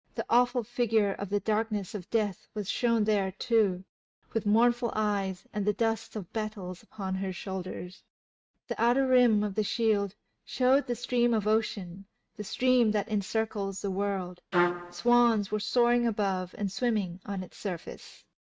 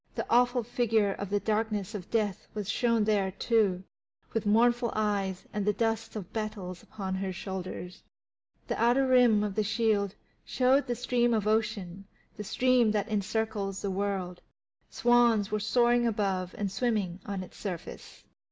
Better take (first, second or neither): second